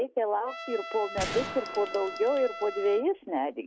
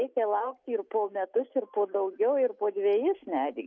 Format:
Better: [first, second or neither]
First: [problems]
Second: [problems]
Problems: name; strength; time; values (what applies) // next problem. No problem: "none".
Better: second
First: background sound (Trumpet + Gunshot, gunfire); 10 dB below the speech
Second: none